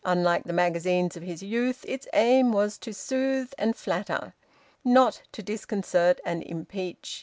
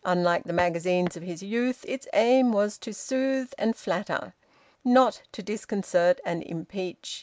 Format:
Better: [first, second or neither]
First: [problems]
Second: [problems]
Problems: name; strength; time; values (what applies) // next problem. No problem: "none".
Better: first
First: none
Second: background sound (Walk, footsteps); 14 dB below the speech